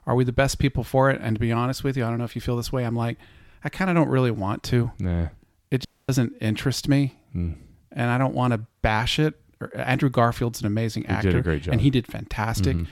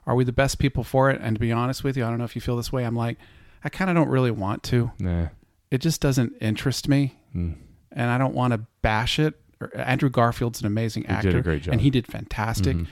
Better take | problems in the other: second | audio cutting out; at 6 s

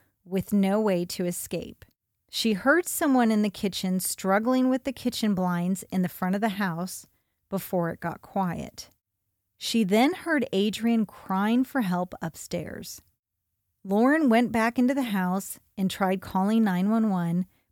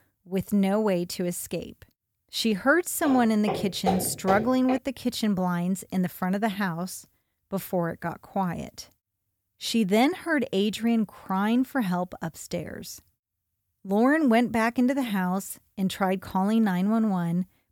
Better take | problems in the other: first | footsteps; noticeable; from 3 to 5 s; peak 3 dB below the speech

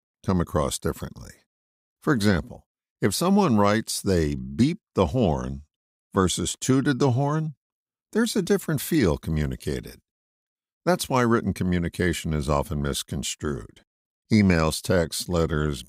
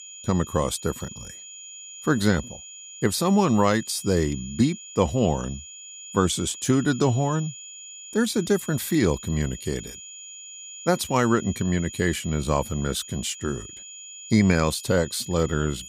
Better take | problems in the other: first | high-pitched whine; noticeable; throughout; 7 kHz, 15 dB below the speech

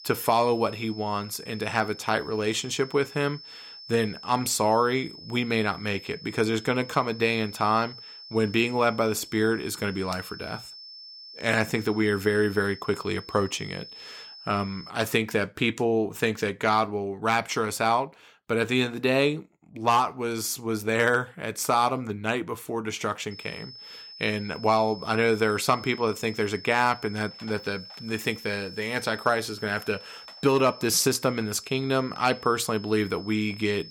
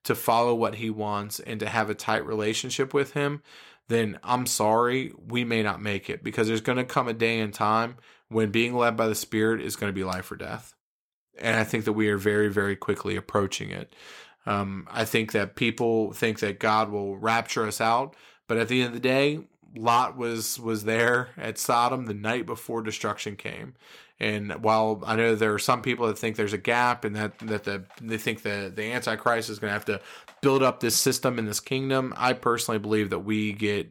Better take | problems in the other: second | high-pitched whine; noticeable; until 15 s and from 23 s on; 5 kHz, 15 dB below the speech

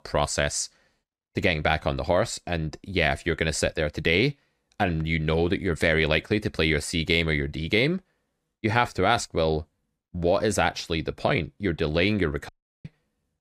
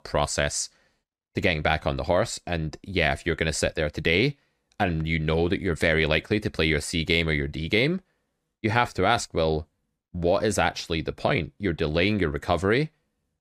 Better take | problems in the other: second | audio cutting out; at 12 s

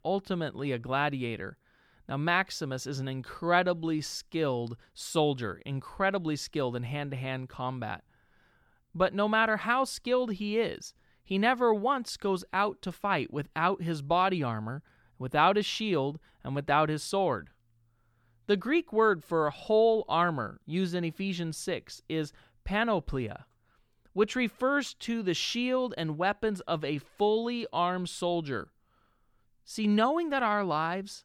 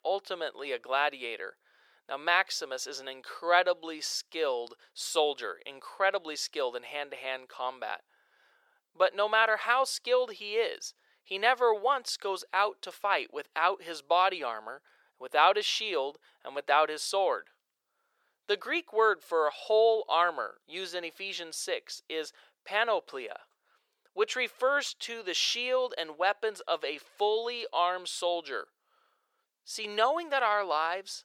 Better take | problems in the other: first | thin; very; fading below 500 Hz

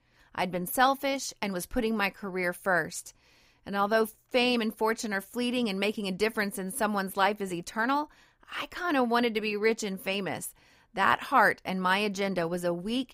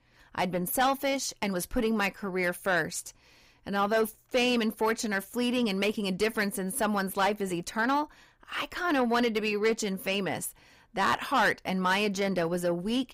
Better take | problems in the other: first | distortion; slight; 10 dB below the speech

